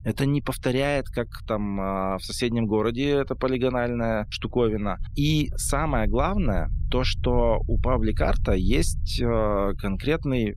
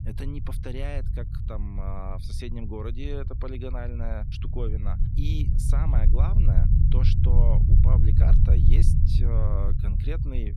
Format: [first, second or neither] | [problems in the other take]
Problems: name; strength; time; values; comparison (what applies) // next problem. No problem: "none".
first | low rumble; loud; throughout; 1 dB below the speech; faint in the first